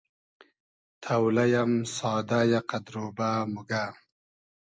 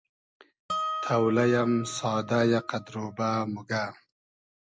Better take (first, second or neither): first